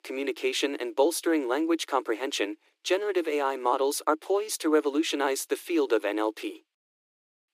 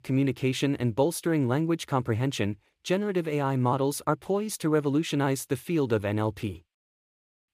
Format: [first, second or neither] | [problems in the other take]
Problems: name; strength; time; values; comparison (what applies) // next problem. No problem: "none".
second | thin; somewhat; fading below 300 Hz